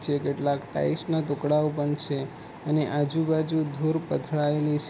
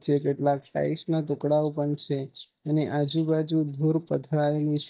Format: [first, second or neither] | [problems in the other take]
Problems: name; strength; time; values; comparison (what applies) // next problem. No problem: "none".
first | noise reduction (neural mask model DeepFilterNet 3)